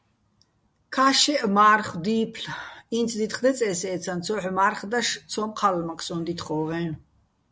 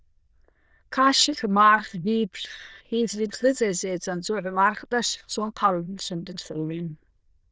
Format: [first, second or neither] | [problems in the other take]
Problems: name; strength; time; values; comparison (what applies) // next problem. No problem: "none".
first | noise reduction (neural diffusion model UNIVERSE++)